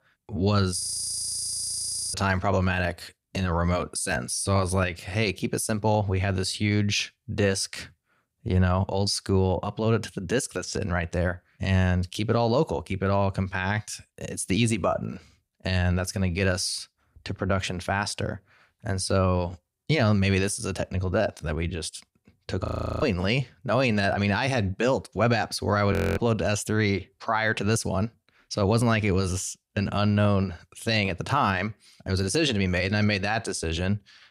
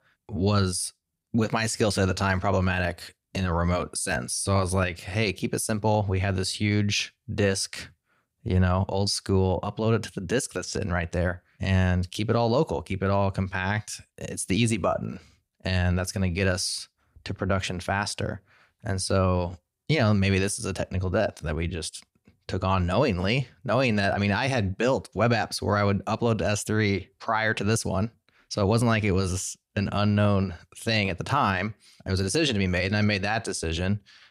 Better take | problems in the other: second | audio freezing; at 1 s for 1.5 s, at 23 s and at 26 s

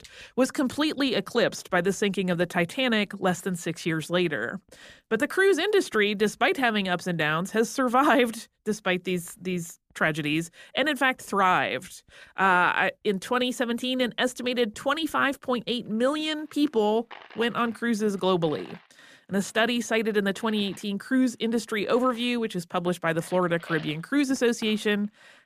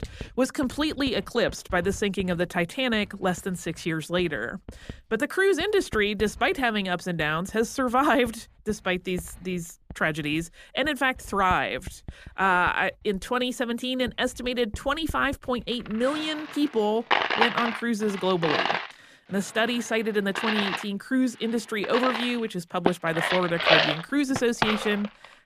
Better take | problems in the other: first | household noises; loud; throughout; 2 dB below the speech; faint in the first

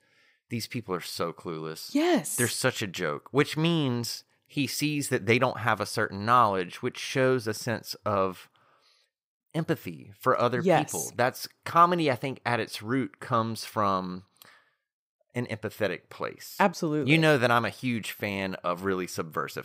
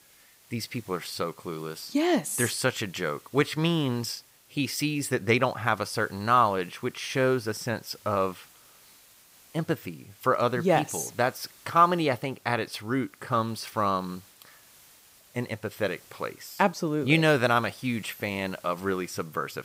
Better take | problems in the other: first | hiss; faint; throughout; 25 dB below the speech

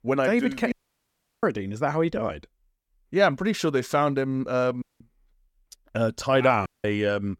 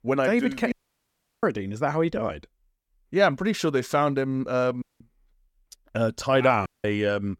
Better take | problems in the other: neither | audio cutting out; at 0.5 s for 0.5 s, at 5 s and at 6.5 s; the same in both

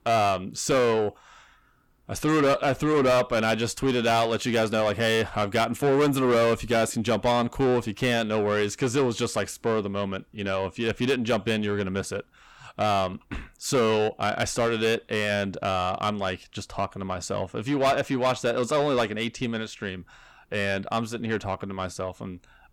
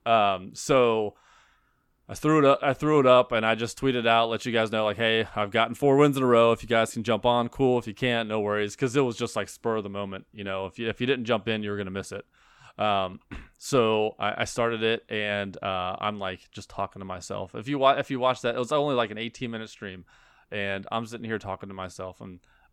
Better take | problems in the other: second | distortion; heavy; 8 dB below the speech

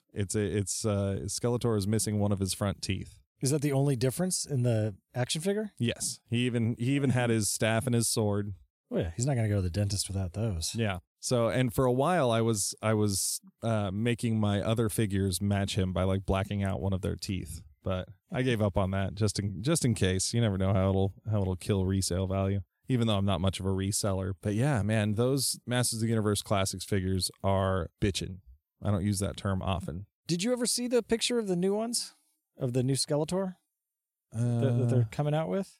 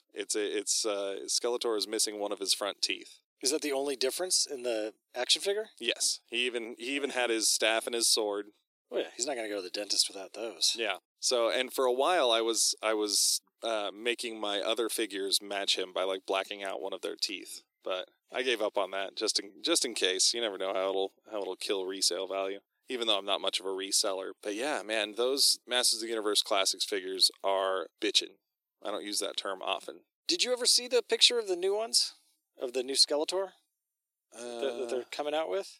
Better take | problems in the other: first | thin; very; fading below 350 Hz

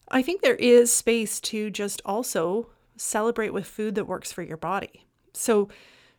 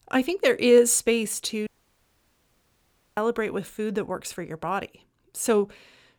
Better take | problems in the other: first | audio cutting out; at 1.5 s for 1.5 s

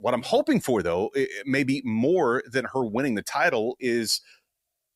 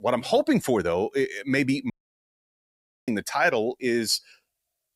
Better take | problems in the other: first | audio cutting out; at 2 s for 1 s

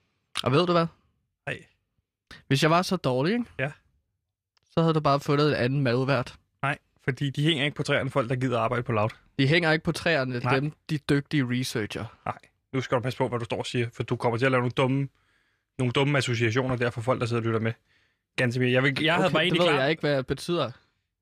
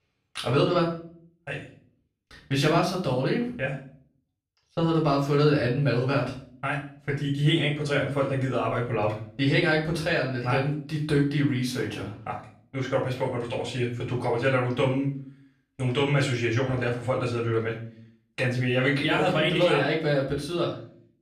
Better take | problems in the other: first | room echo; slight; dies away in 0.4 s // off-mic speech; far

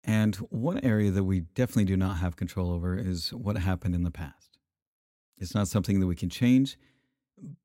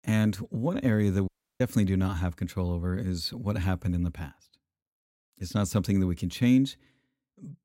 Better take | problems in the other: first | audio cutting out; at 1.5 s

